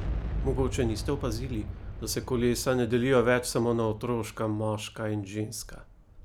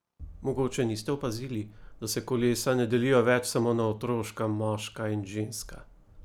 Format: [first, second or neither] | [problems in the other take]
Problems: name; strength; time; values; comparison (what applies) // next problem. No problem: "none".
second | background sound (Boom); 8 dB below the speech